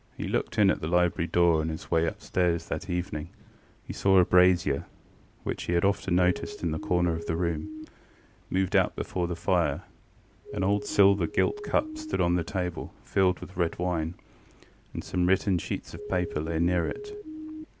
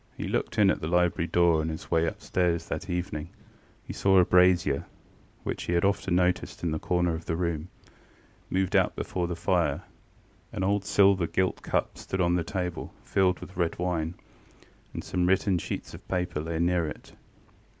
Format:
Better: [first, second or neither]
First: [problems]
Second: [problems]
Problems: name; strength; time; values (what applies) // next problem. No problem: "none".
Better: second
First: background sound (Siren); 10 dB below the speech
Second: none